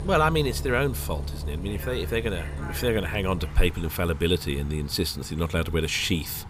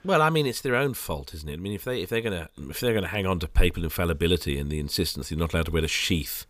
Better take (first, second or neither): second